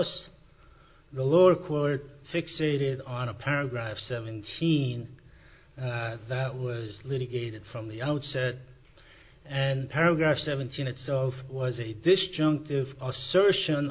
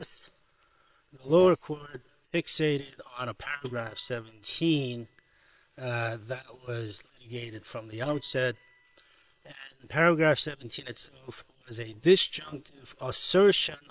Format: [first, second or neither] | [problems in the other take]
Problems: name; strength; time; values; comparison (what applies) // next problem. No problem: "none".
first | noise reduction (neural separator model SepFormer WHAM!)